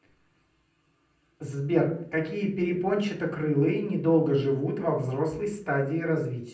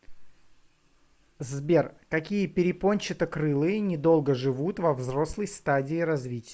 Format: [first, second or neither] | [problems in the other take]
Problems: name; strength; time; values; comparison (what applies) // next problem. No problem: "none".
second | room echo; dies away in 0.6 s